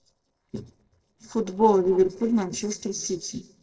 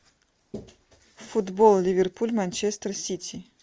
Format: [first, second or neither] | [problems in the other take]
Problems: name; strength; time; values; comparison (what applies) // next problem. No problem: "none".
second | noise reduction (neural separator model SepFormer DNS4)